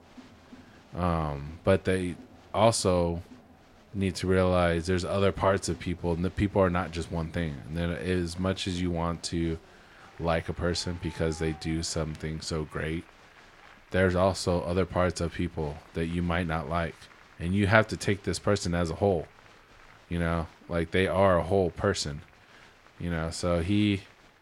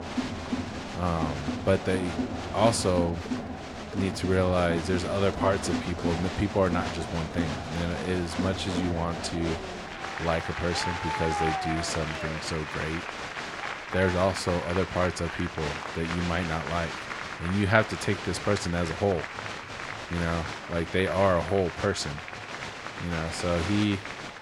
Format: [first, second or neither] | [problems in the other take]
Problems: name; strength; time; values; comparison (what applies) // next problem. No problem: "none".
first | crowd noise; loud; throughout; 5 dB below the speech; faint in the first